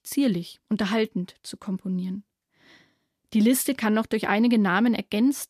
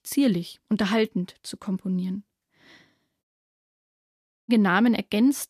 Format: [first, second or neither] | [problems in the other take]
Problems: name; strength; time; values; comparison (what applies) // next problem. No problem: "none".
first | audio cutting out; at 3 s for 1 s